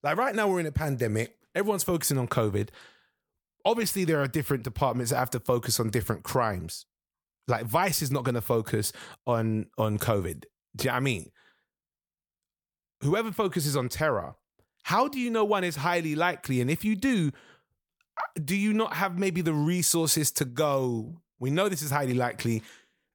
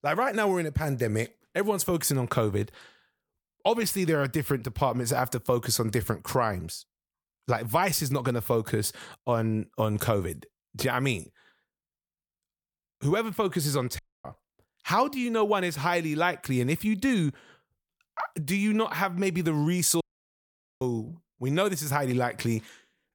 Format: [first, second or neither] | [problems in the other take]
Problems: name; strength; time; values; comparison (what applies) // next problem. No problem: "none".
first | audio cutting out; at 14 s and at 20 s for 1 s